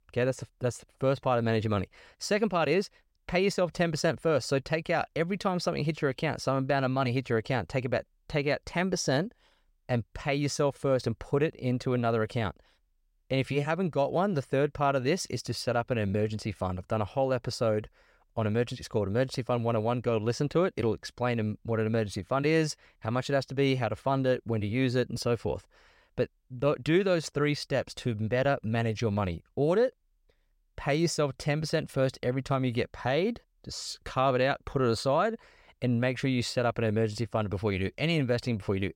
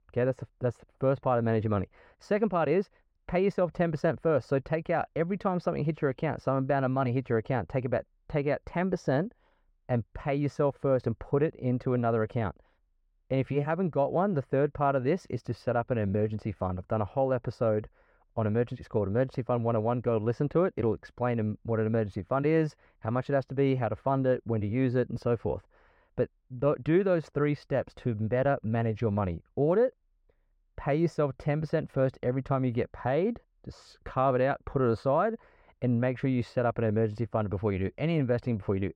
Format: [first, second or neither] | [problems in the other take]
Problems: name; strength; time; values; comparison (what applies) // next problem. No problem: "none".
first | muffled; very; fading above 3 kHz